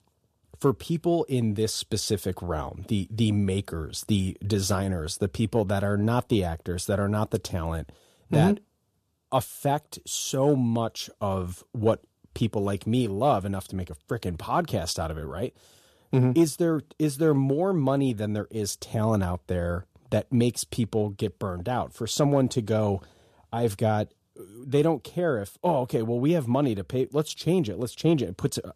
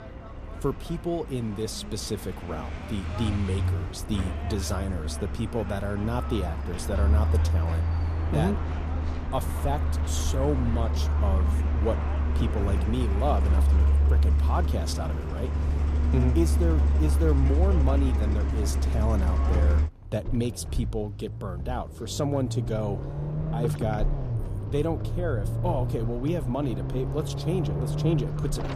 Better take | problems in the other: first | traffic noise; very loud; throughout; 4 dB above the speech

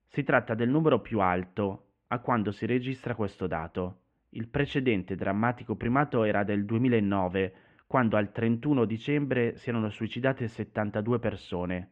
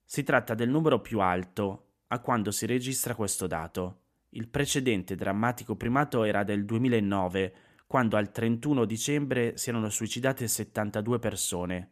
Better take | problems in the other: second | muffled; very; fading above 2.5 kHz

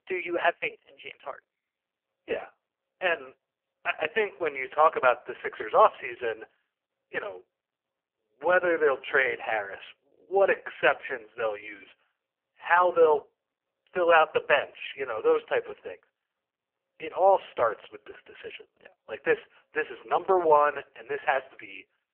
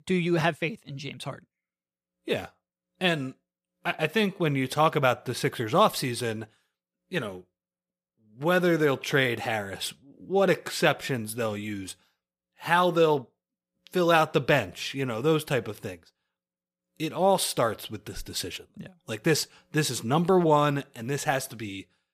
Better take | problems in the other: second | phone-call audio; poor line; nothing above 3 kHz

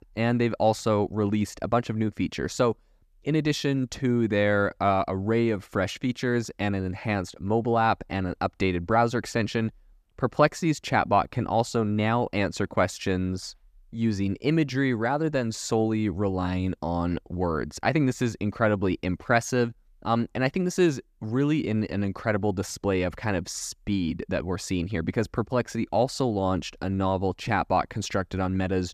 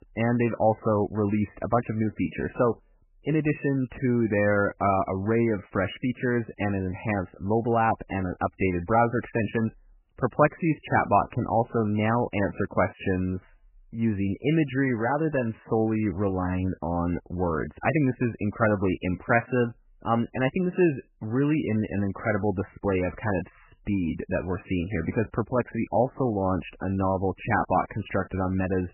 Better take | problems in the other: first | garbled, watery; badly; nothing above 3 kHz

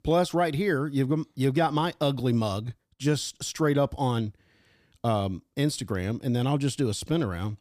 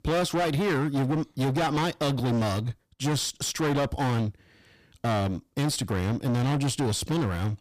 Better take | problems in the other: first | distortion; heavy; 28% of the sound clipped

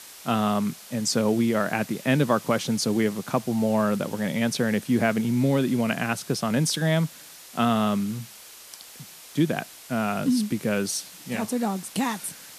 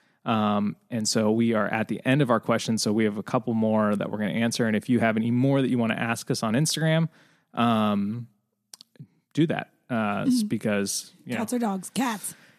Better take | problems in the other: second | hiss; noticeable; throughout; 15 dB below the speech

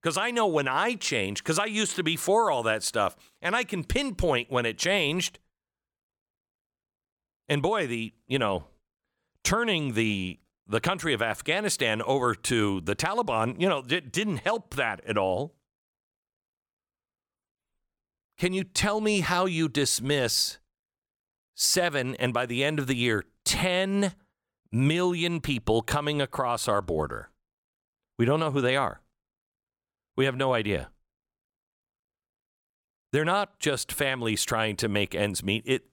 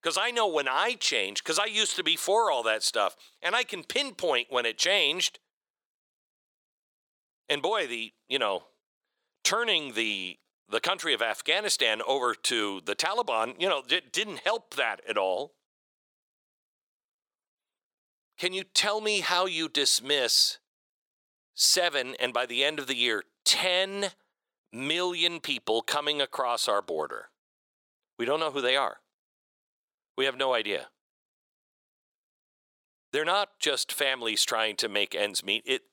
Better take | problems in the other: first | thin; somewhat; fading below 500 Hz

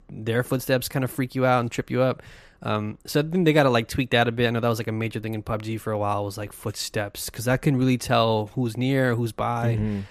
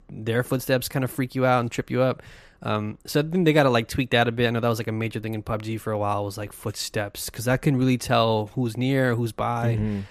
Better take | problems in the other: neither | none

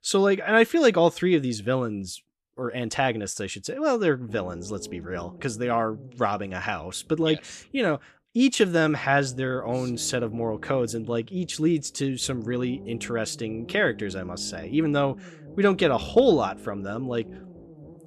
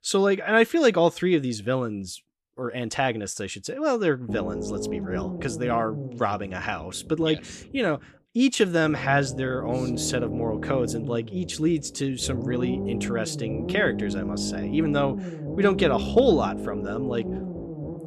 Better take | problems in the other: first | low rumble; loud; from 4.5 s on; 10 dB below the speech; faint in the first

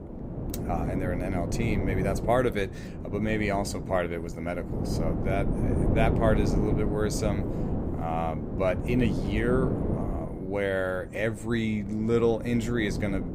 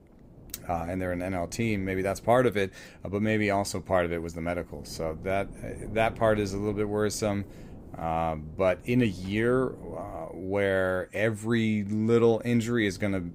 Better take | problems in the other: second | wind noise on the microphone; heavy; 7 dB below the speech; occasional gusts in the second

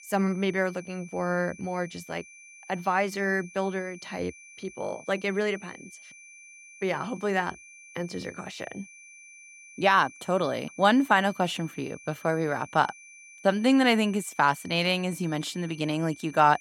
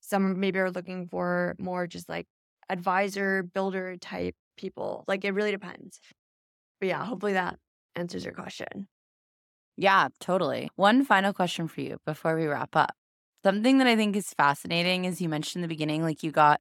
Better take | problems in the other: second | high-pitched whine; faint; throughout; 2.5 kHz, 20 dB below the speech

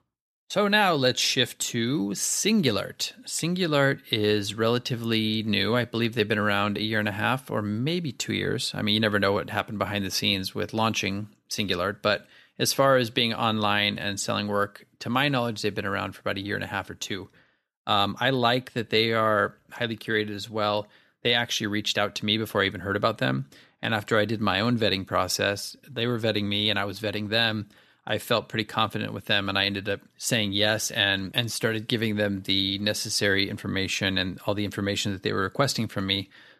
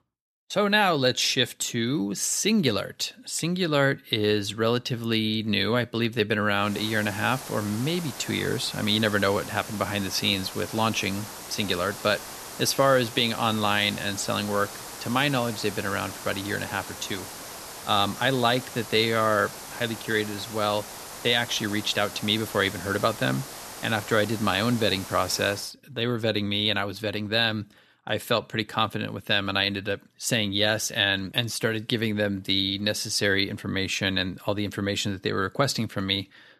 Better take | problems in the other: first | hiss; noticeable; from 6.5 to 26 s; 10 dB below the speech

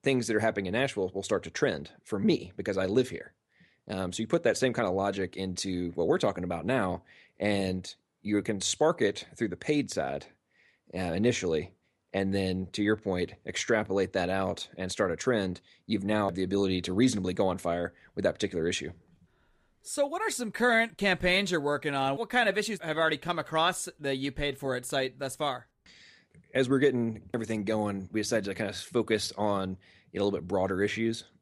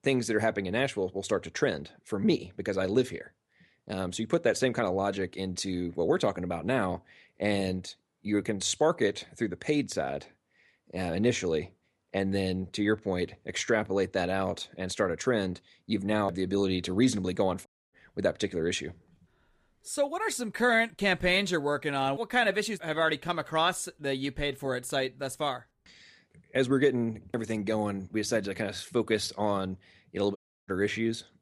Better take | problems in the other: first | audio cutting out; at 18 s and at 30 s

